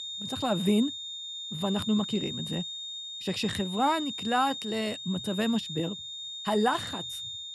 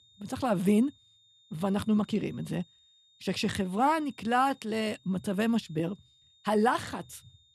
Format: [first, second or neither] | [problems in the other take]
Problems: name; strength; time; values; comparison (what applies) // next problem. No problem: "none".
second | high-pitched whine; loud; throughout; 3.5 kHz, 6 dB below the speech; faint in the second